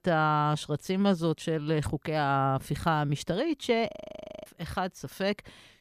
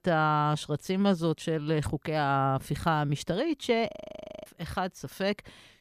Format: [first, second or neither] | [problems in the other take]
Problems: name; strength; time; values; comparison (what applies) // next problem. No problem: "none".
neither | audio freezing; at 4 s for 0.5 s; the same in both